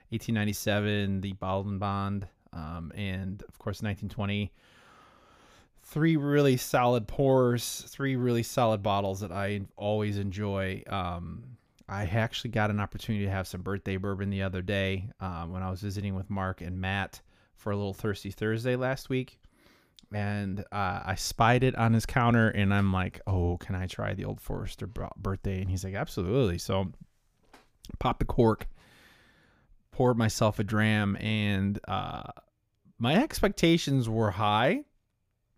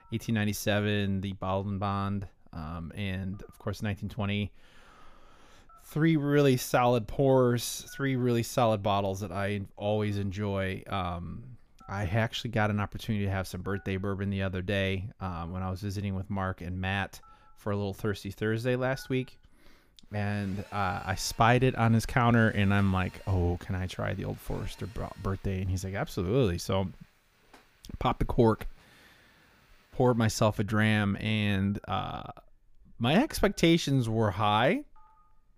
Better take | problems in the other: first | alarms or sirens; faint; throughout; 30 dB below the speech

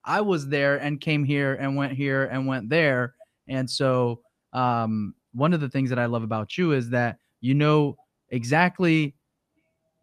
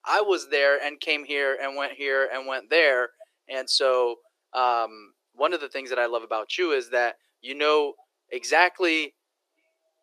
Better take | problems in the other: first | thin; very; fading below 350 Hz

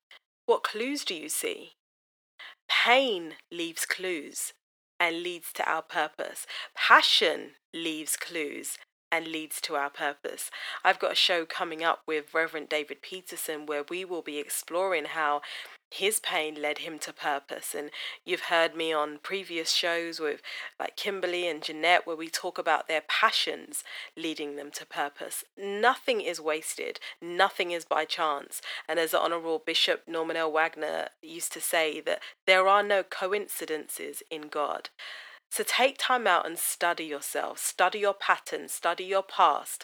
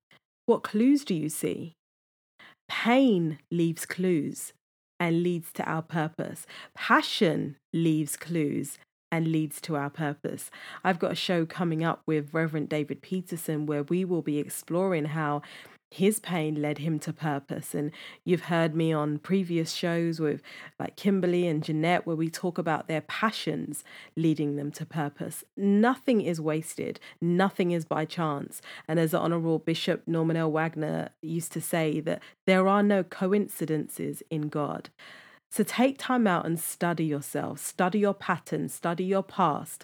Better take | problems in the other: second | thin; very; fading below 500 Hz

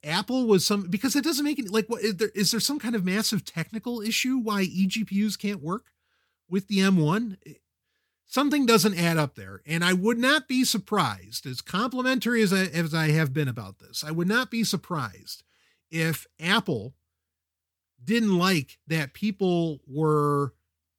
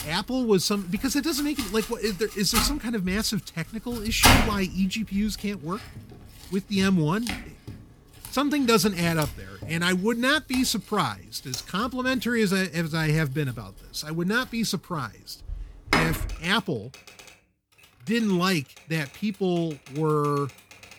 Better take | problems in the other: first | household noises; loud; throughout; 2 dB below the speech

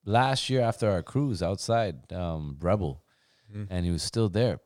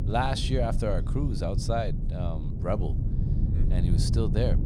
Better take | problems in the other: first | low rumble; loud; throughout; 9 dB below the speech

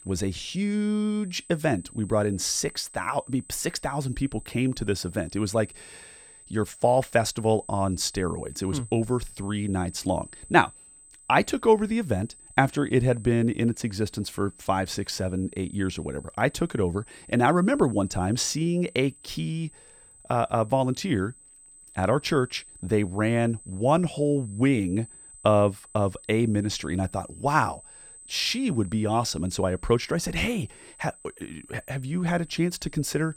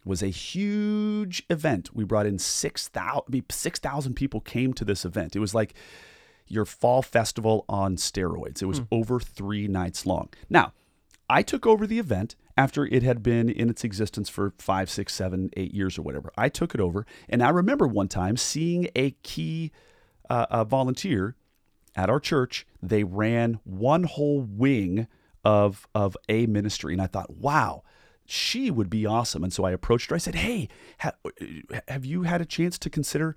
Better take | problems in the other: second | high-pitched whine; faint; throughout; 8 kHz, 20 dB below the speech

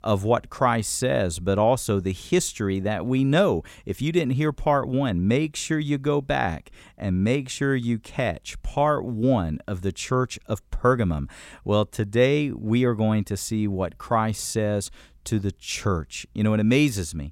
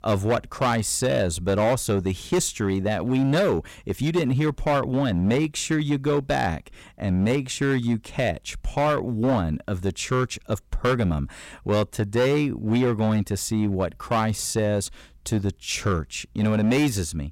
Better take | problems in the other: first | distortion; slight; 9% of the sound clipped

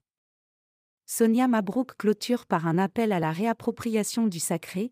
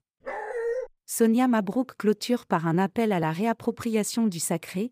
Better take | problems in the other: first | dog barking; noticeable; at 0.5 s; peak 4 dB below the speech

